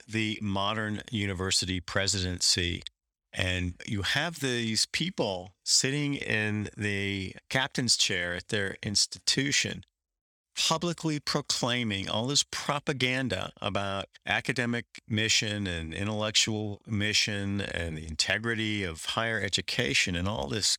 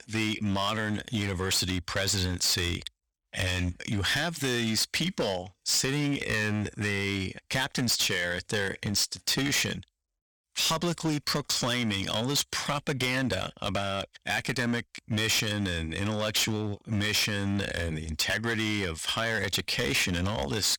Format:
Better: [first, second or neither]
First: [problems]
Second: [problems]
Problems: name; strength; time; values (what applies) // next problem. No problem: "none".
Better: first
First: none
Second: distortion; heavy; 12% of the sound clipped